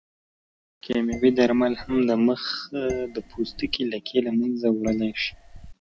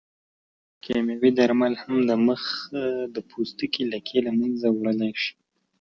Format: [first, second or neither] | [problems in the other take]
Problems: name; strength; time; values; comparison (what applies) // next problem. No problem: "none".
second | background sound (Dishes, pots, and pans); 16 dB below the speech